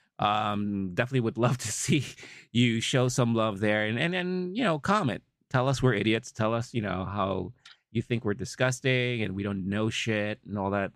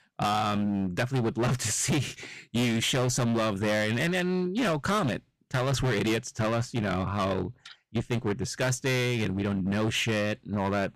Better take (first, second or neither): first